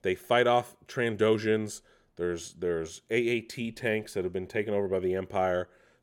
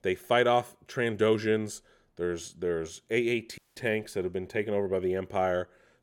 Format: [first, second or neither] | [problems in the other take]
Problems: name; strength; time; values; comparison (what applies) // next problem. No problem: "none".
first | audio cutting out; at 3.5 s